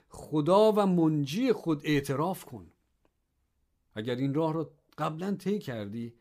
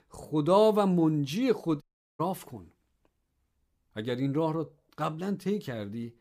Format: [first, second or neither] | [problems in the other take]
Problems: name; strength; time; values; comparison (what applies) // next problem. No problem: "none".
first | audio cutting out; at 2 s